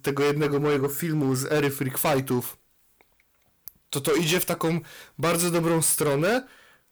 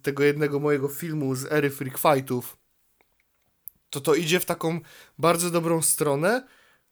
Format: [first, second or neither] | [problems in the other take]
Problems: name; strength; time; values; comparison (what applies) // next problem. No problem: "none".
second | distortion; heavy; 14% of the sound clipped